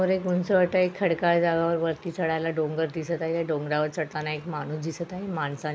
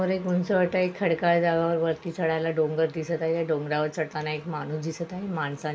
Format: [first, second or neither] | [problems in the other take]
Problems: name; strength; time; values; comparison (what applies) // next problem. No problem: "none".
first | room echo; dies away in 0.2 s